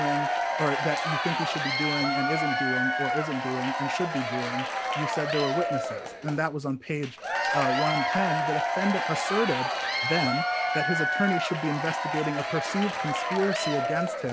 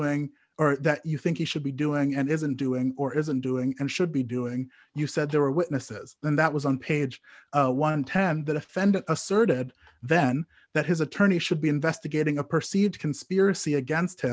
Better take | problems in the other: second | background sound (Applause / Crowd / Cheering); 2 dB above the speech

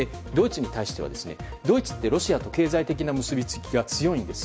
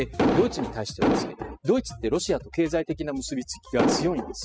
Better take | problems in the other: first | noise reduction (classical method spectral subtraction)

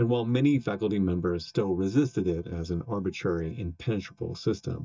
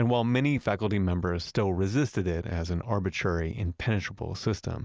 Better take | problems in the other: second | noise reduction (neural mask model DeepFilterNet 3)

